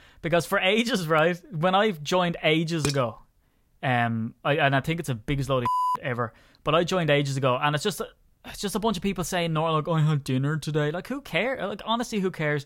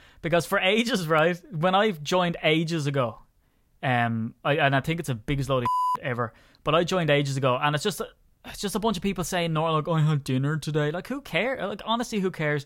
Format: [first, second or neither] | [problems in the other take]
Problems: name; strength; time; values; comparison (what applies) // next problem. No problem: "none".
second | clattering dishes; noticeable; at 3 s; peak 7 dB below the speech